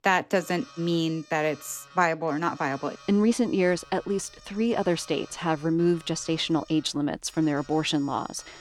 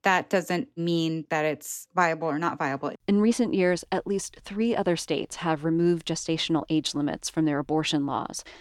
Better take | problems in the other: second | alarms or sirens; faint; throughout; 25 dB below the speech

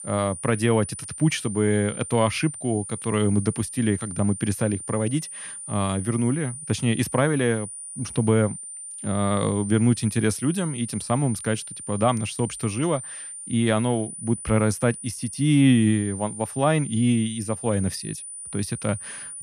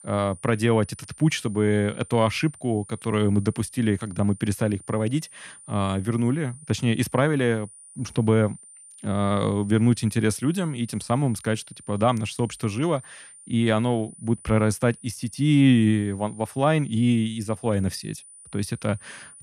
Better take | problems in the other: second | high-pitched whine; loud; throughout; 9.5 kHz, 10 dB below the speech; faint in the second

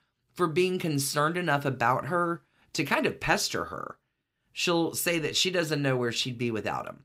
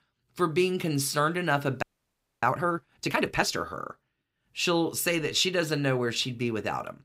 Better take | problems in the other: first | audio freezing; at 2 s for 0.5 s

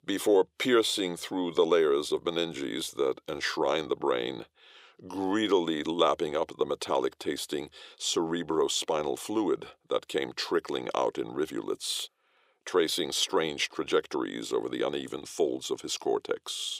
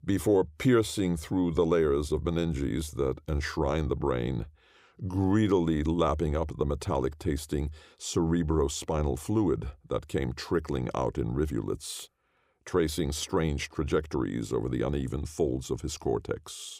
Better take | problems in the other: second | thin; somewhat; fading below 450 Hz

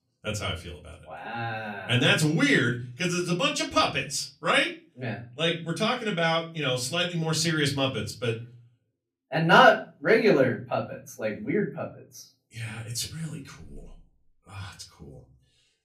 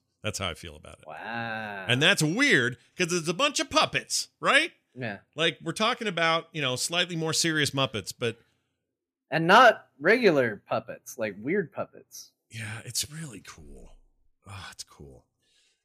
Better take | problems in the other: second | off-mic speech; far // room echo; very slight; dies away in 0.4 s

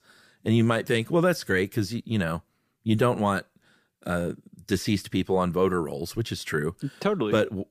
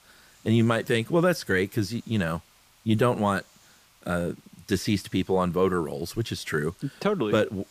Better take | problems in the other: first | hiss; faint; throughout; 30 dB below the speech

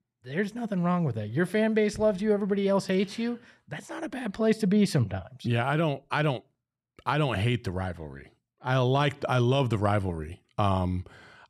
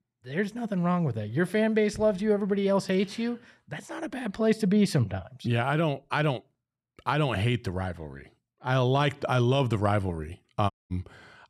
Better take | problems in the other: first | audio cutting out; at 11 s

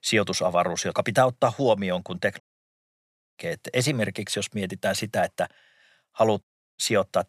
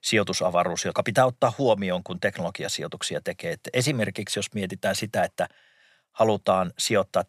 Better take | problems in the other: second | audio cutting out; at 2.5 s for 1 s and at 6.5 s

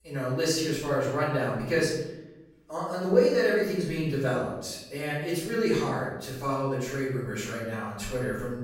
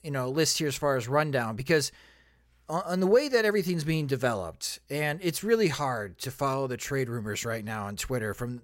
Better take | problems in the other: second | room echo; noticeable; dies away in 0.8 s // off-mic speech; far

